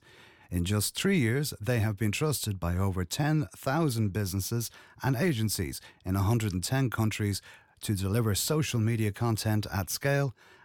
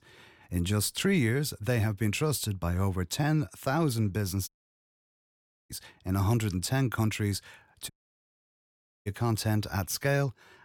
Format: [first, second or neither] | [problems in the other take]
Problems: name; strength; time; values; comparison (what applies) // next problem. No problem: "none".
first | audio cutting out; at 4.5 s for 1 s and at 8 s for 1 s